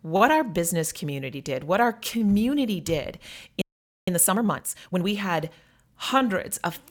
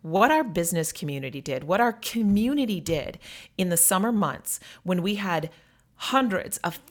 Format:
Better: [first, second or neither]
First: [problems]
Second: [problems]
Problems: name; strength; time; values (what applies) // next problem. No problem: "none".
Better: second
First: audio freezing; at 3.5 s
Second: none